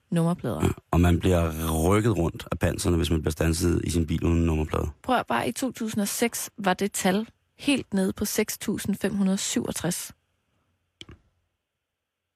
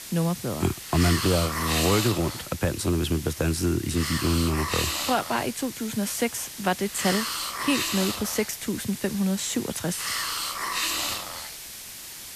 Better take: first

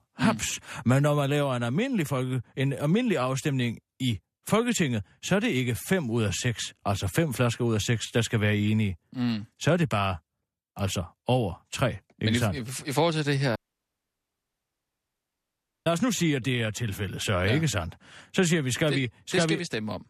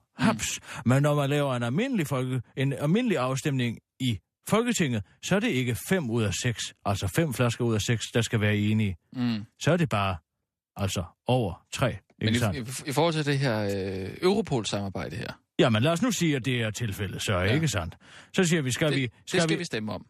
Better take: second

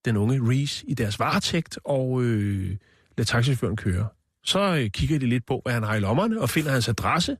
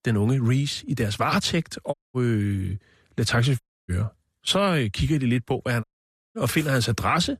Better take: first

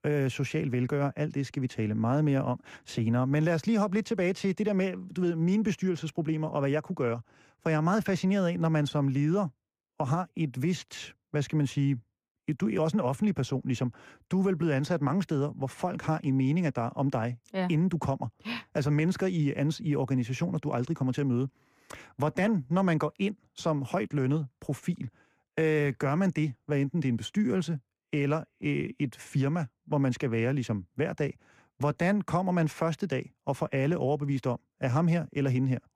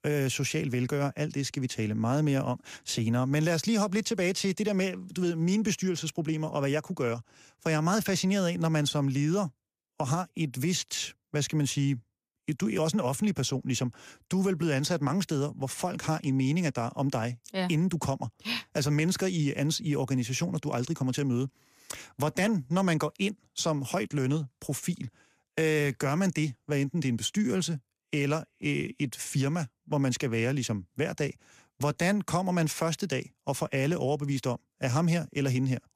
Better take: second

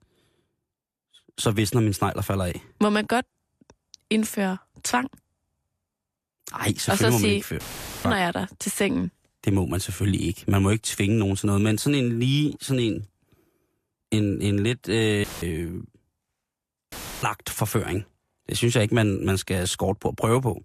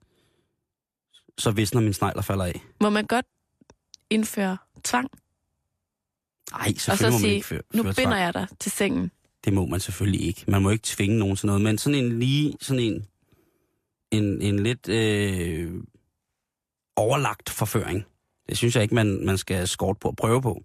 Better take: second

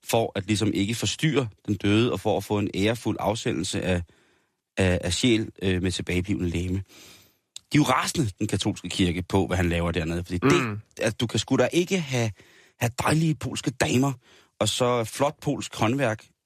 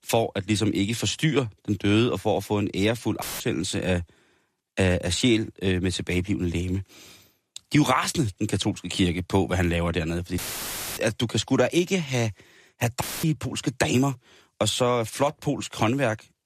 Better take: first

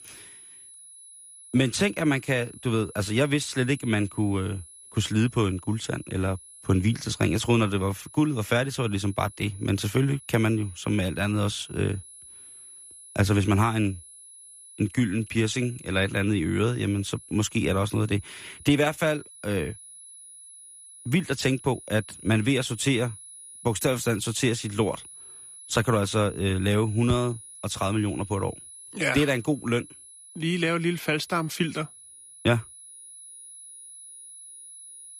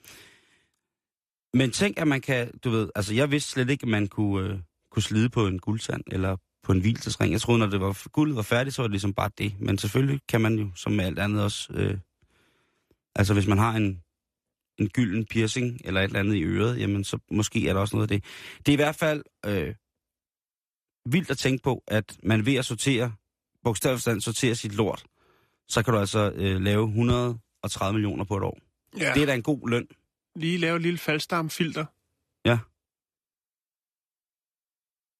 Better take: second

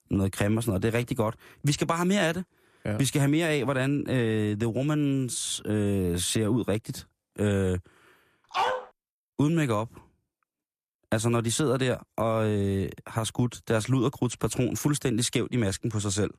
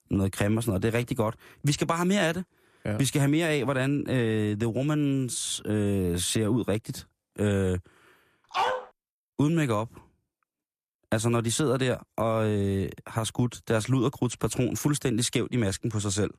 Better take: neither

